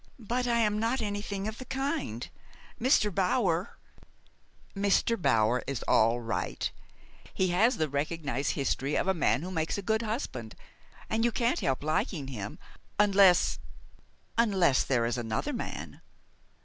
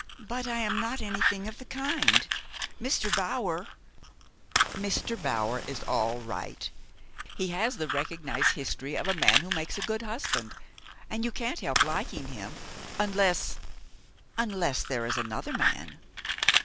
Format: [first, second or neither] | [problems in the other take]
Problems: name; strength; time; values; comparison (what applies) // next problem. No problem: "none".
first | background sound (Fire); 1 dB below the speech